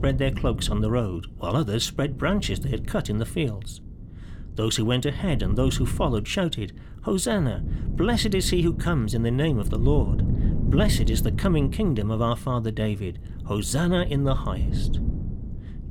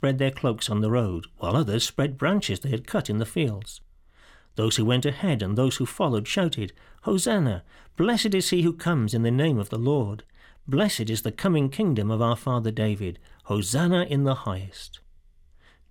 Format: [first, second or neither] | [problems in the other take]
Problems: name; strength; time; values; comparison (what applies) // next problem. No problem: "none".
second | wind noise on the microphone; occasional gusts; 15 dB below the speech